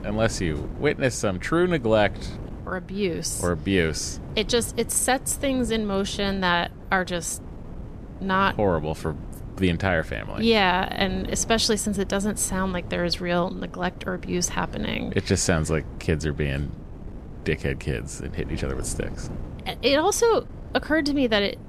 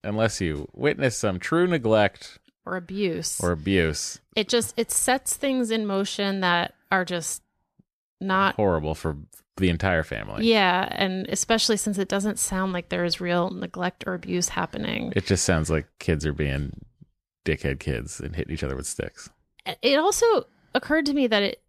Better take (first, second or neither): second